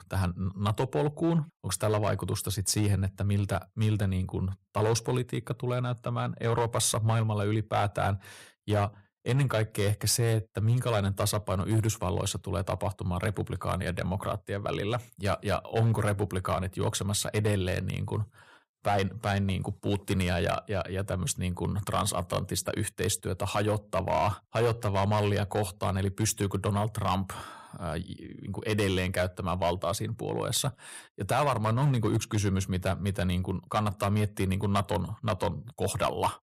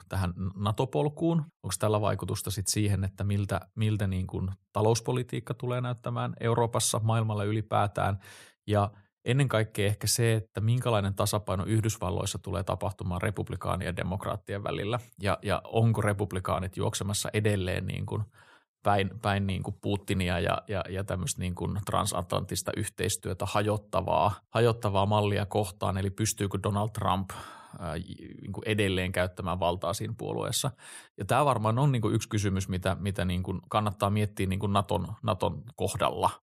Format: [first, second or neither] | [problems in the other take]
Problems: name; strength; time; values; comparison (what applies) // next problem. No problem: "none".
second | distortion; slight; 4% of the sound clipped